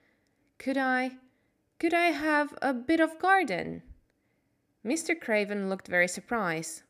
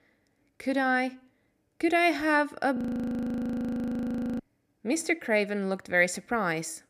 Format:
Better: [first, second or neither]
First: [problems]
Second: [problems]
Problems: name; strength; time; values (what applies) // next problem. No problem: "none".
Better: first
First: none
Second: audio freezing; at 3 s for 1.5 s